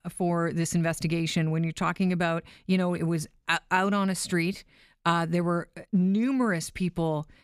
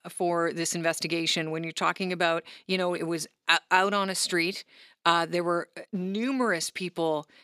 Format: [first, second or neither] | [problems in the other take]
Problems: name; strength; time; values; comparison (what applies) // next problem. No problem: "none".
first | thin; somewhat; fading below 350 Hz